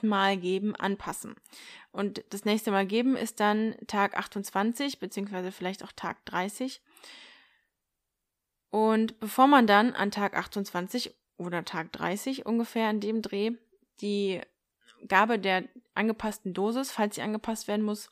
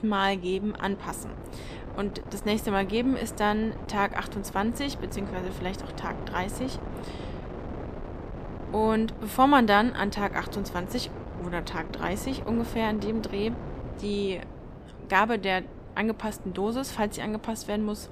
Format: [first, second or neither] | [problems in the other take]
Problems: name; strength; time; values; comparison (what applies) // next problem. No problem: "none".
first | wind noise on the microphone; occasional gusts; 15 dB below the speech